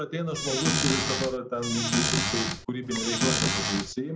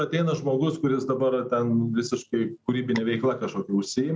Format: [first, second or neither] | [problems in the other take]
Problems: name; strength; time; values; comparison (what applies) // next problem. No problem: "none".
second | background sound (Squeak / Cupboard open or close); 3 dB above the speech